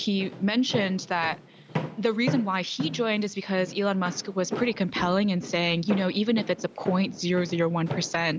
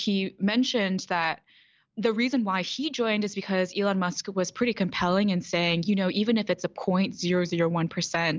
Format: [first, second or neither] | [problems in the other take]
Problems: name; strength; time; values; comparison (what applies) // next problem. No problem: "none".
second | background sound (Walk, footsteps); 11 dB below the speech